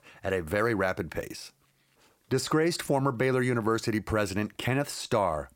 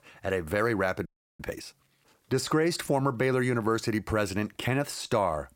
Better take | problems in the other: first | audio freezing; at 1 s

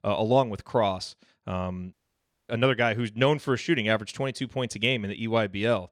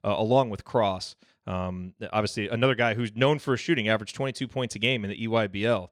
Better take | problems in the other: second | audio cutting out; at 2 s for 0.5 s

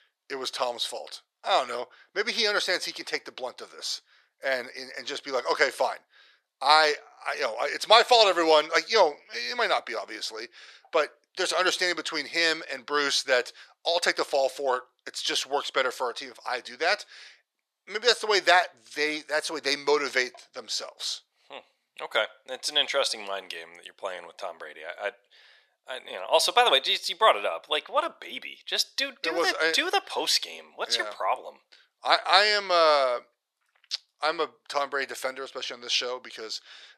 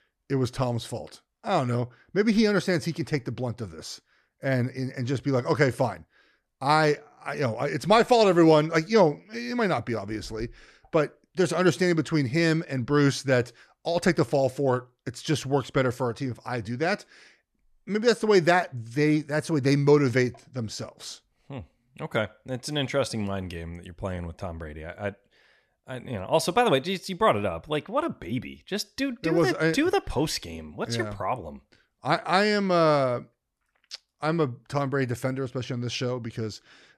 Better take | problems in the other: second | thin; very; fading below 550 Hz

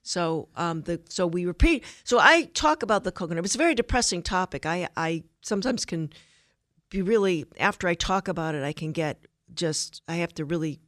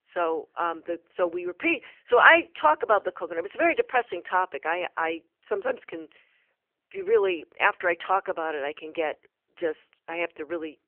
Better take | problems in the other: first | phone-call audio; poor line; nothing above 3 kHz

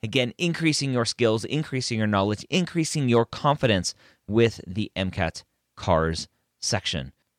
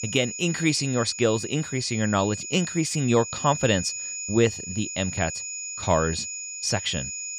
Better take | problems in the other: first | high-pitched whine; loud; throughout; 7 kHz, 7 dB below the speech

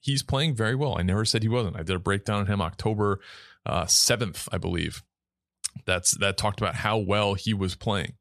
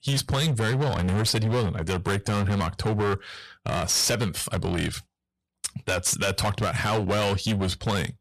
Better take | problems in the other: first | distortion; heavy; 21% of the sound clipped

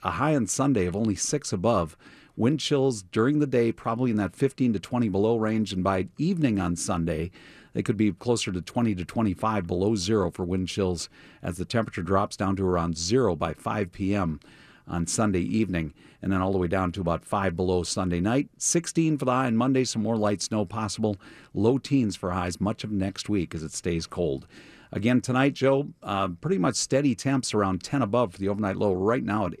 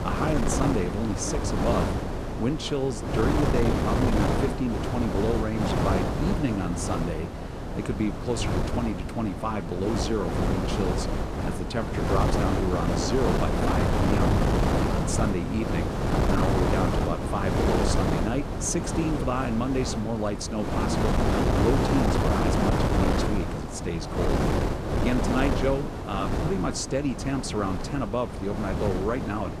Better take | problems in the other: first | wind noise on the microphone; heavy; 1 dB above the speech

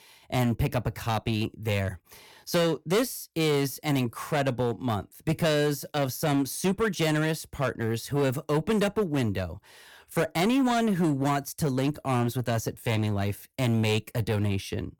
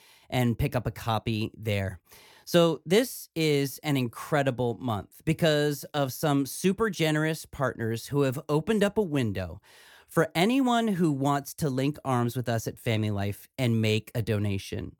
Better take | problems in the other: second | distortion; slight; 8% of the sound clipped

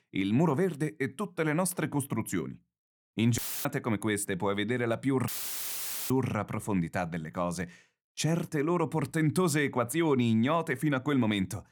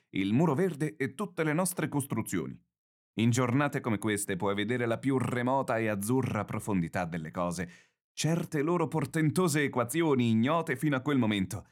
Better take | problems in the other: second | audio cutting out; filled with static; at 3.5 s and at 5.5 s for 1 s

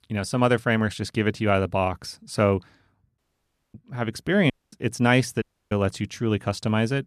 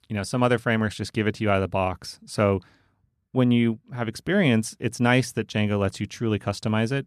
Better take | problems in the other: second | audio cutting out; at 3 s for 0.5 s, at 4.5 s and at 5.5 s

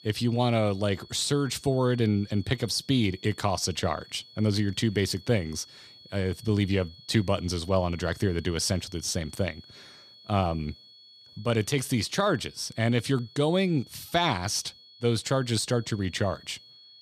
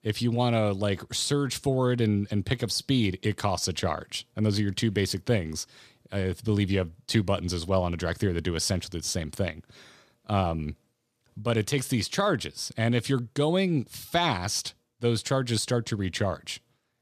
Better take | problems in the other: second | high-pitched whine; faint; throughout; 4.5 kHz, 20 dB below the speech

